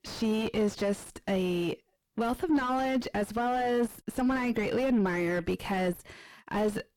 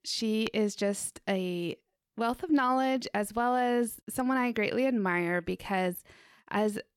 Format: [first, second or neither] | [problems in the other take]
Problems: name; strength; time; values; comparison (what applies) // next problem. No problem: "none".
second | distortion; heavy; 6 dB below the speech